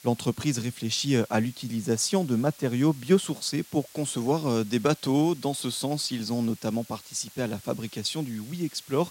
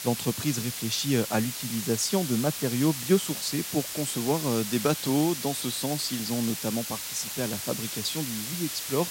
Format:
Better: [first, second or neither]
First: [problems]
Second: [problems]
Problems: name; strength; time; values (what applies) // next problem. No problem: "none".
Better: first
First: hiss; faint; throughout; 20 dB below the speech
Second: hiss; loud; throughout; 4 dB below the speech